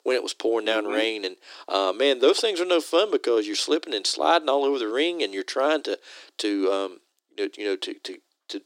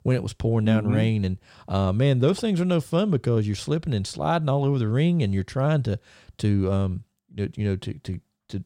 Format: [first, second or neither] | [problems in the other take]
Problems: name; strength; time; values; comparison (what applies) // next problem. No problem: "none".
second | thin; very; fading below 300 Hz